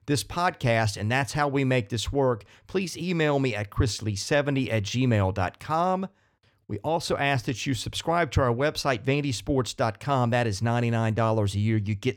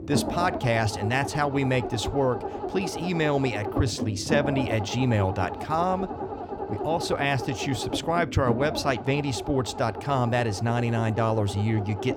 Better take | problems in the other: first | low rumble; loud; throughout; 6 dB below the speech

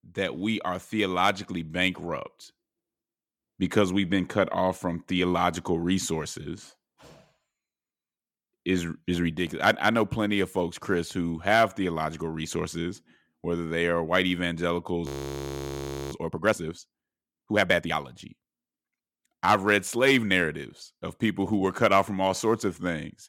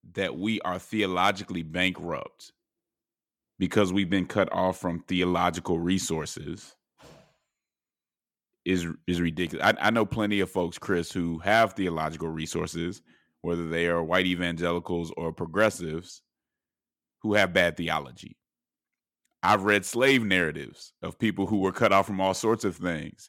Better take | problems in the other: second | audio freezing; at 15 s for 1 s

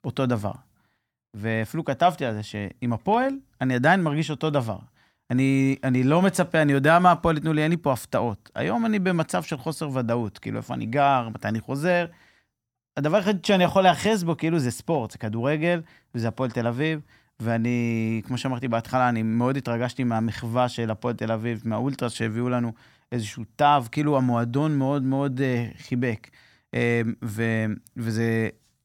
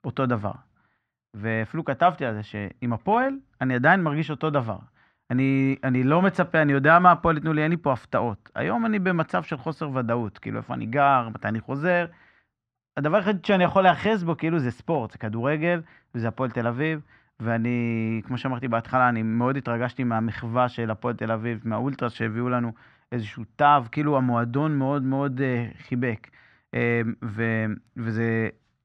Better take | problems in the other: first | muffled; slightly; fading above 2.5 kHz

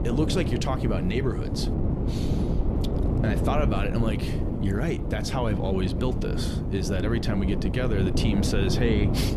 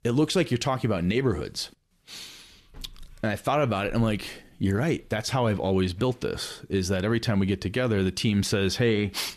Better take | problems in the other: second | wind noise on the microphone; heavy; 4 dB below the speech

